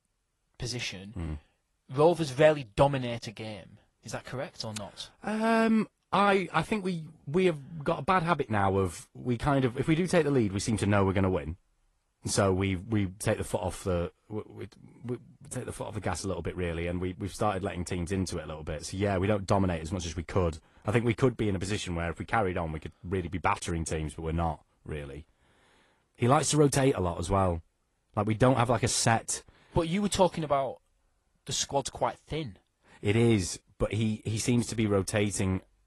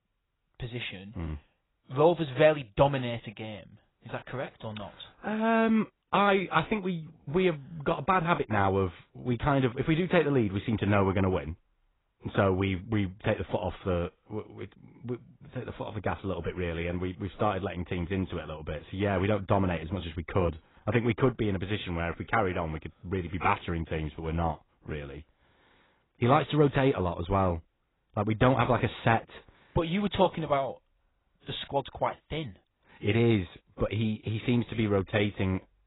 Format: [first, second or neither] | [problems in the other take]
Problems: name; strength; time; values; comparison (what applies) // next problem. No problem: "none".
first | garbled, watery; badly; nothing above 4 kHz; slightly in the first